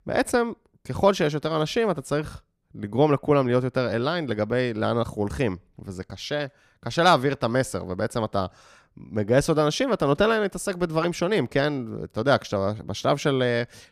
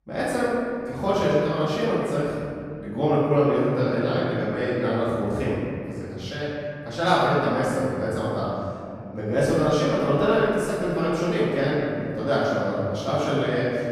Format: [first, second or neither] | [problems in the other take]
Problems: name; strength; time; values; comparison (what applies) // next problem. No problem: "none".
first | room echo; strong; dies away in 2.3 s // off-mic speech; far